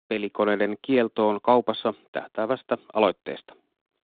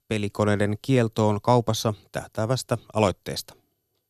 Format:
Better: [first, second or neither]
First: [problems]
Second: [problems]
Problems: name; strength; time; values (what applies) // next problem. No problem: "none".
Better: second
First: phone-call audio; nothing above 3.5 kHz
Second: none